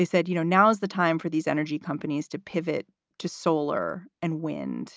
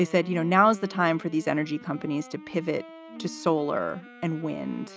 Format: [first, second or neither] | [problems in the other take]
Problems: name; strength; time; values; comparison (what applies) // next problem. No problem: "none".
first | background sound (Brass instrument + Wind instrument, woodwind instrument); 18 dB below the speech